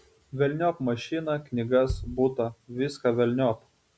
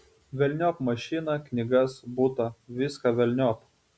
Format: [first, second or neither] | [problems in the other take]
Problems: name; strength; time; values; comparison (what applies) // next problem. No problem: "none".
second | background sound (Bass drum); 13 dB below the speech